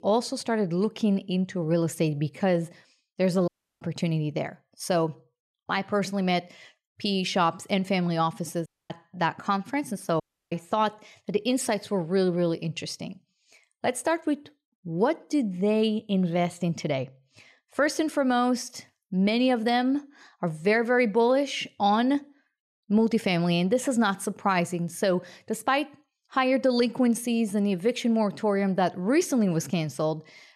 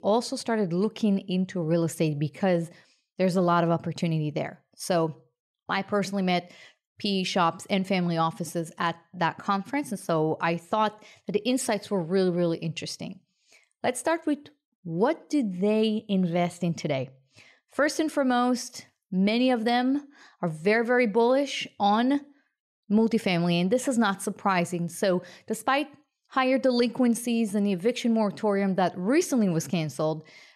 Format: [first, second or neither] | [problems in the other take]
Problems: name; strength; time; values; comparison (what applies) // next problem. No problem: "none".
second | audio cutting out; at 3.5 s, at 8.5 s and at 10 s